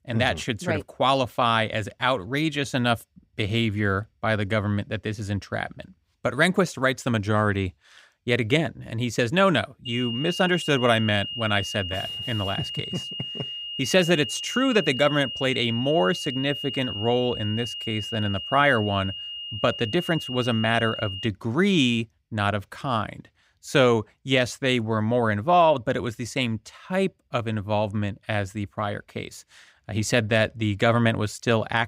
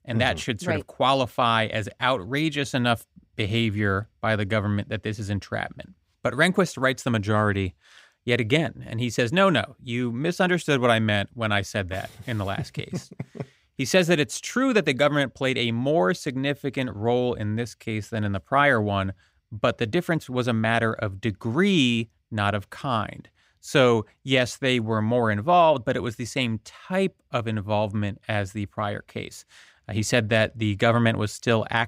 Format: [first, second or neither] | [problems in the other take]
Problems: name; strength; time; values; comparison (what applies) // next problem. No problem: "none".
second | high-pitched whine; loud; from 10 to 21 s; 3 kHz, 7 dB below the speech